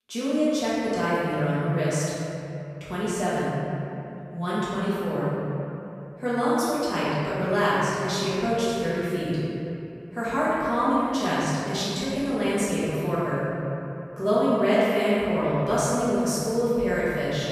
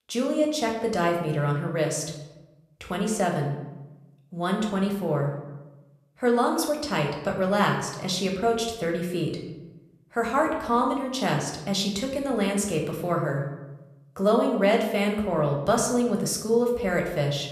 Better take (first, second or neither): second